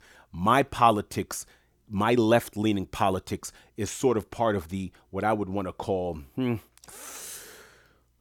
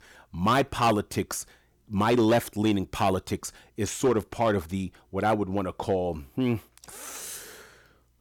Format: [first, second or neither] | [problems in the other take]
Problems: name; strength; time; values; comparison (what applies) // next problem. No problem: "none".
first | distortion; slight; 3% of the sound clipped